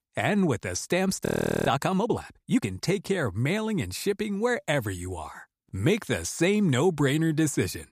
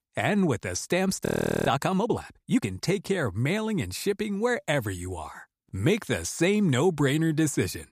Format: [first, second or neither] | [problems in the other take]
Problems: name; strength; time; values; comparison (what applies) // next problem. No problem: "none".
neither | audio freezing; at 1.5 s; the same in both